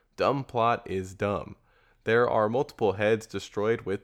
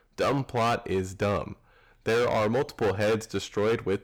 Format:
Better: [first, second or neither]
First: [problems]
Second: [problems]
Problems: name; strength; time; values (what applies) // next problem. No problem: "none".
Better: first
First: none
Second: distortion; heavy; 15% of the sound clipped